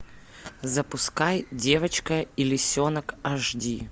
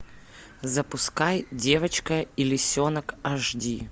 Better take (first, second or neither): second